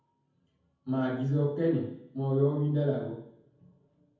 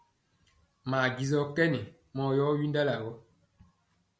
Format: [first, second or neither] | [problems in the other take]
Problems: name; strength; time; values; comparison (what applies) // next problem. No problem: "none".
second | room echo; dies away in 0.7 s